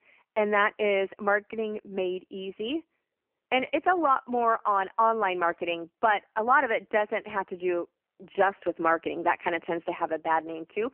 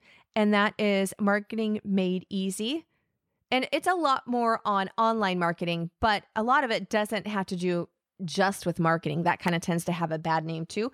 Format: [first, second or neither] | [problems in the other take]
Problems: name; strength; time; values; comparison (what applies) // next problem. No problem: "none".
second | phone-call audio; poor line; nothing above 3 kHz